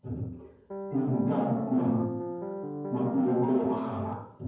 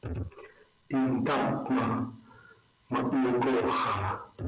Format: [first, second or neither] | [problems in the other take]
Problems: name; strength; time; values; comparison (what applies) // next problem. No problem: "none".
second | background sound (Piano); 6 dB below the speech // room echo; dies away in 0.9 s